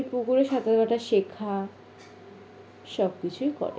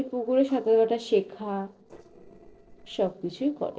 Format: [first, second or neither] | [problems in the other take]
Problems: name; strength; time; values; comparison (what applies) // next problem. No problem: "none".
first | noise reduction (neural separator model SepFormer DNS4)